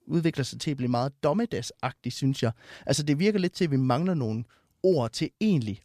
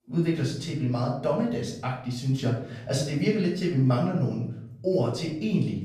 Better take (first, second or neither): first